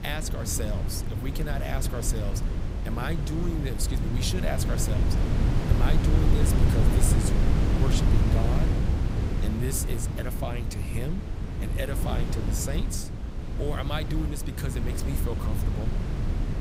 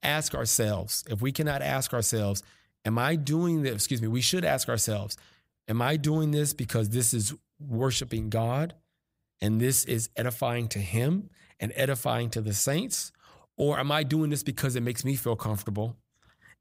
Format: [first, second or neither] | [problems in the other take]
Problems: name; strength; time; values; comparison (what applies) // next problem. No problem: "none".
second | wind noise on the microphone; heavy; 1 dB below the speech